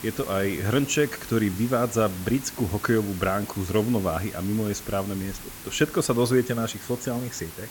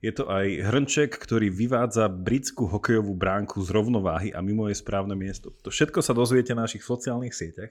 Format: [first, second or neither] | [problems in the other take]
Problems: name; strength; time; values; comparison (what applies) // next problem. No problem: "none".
second | hiss; noticeable; throughout; 15 dB below the speech